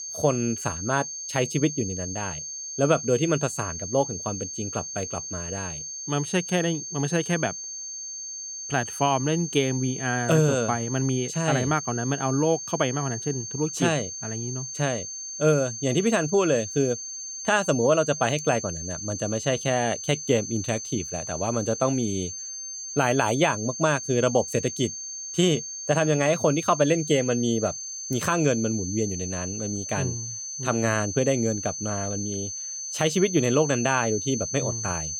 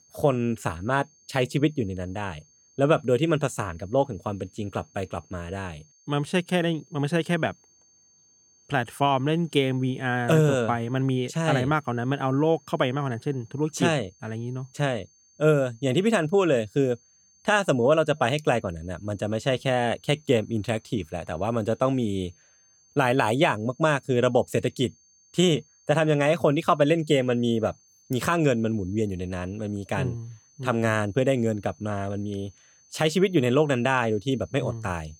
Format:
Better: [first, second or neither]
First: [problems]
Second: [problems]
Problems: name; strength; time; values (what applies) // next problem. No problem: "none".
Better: second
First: high-pitched whine; loud; throughout; 6 kHz, 6 dB below the speech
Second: high-pitched whine; faint; throughout; 6 kHz, 30 dB below the speech